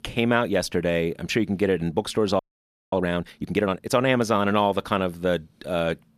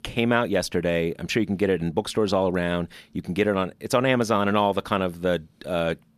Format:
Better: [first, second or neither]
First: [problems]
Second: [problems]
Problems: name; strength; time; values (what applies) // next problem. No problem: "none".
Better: second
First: audio freezing; at 2.5 s for 0.5 s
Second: none